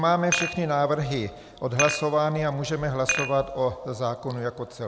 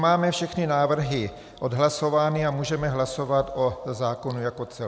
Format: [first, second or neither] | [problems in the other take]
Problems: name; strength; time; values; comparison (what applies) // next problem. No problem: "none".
second | background sound (Dishes, pots, and pans); 7 dB below the speech